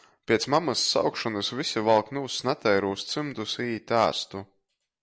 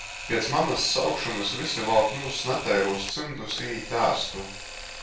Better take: first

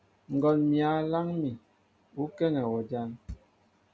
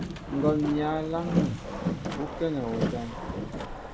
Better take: first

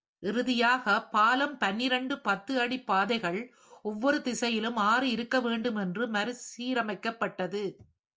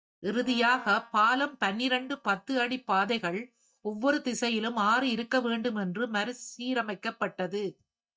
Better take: first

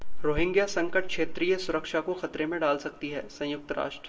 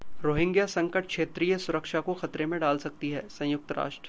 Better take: second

